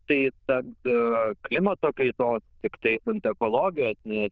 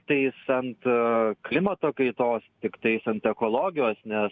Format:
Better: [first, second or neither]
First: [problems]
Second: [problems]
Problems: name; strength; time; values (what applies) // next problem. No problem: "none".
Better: second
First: noise reduction (neural diffusion model UNIVERSE++)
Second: none